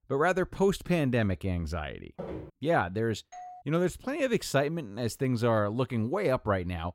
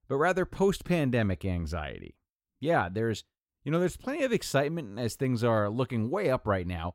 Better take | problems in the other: second | footsteps; faint; at 2 s; peak 10 dB below the speech // doorbell; faint; at 3.5 s; peak 15 dB below the speech

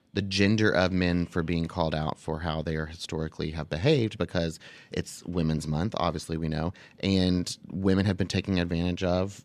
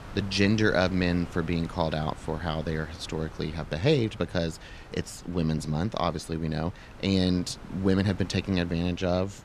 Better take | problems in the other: first | wind noise on the microphone; occasional gusts; 15 dB below the speech

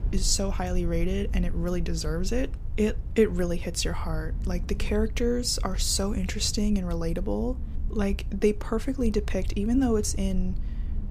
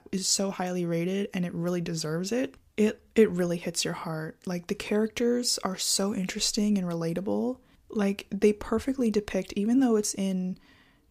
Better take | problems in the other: second | low rumble; faint; throughout; 20 dB below the speech

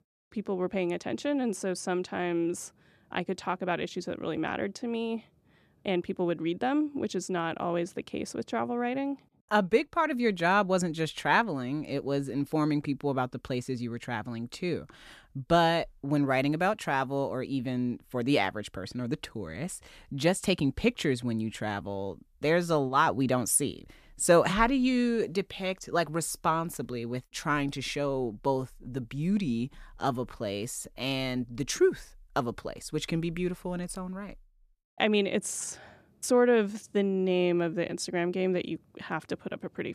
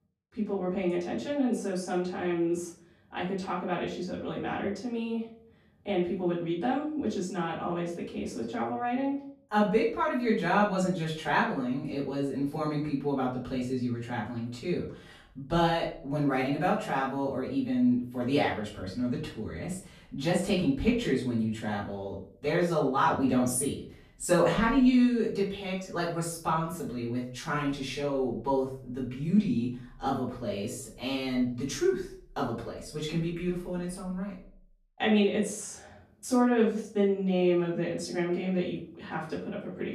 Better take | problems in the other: first | off-mic speech; far // room echo; noticeable; dies away in 0.4 s

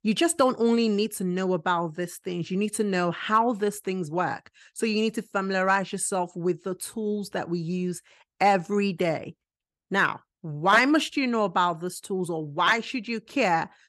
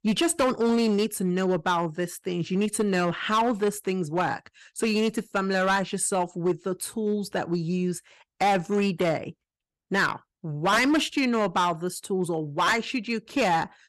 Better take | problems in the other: first | distortion; slight; 7% of the sound clipped

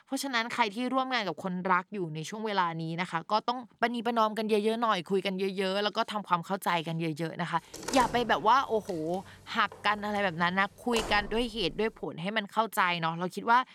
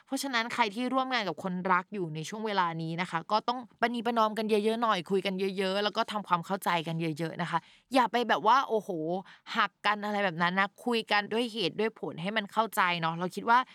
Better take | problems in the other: second | door banging; noticeable; from 7.5 to 12 s; peak 6 dB below the speech

